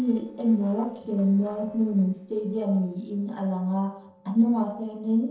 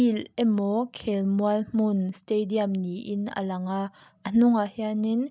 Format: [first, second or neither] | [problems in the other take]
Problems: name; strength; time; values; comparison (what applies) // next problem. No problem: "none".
second | noise reduction (neural separator model SepFormer DNS4)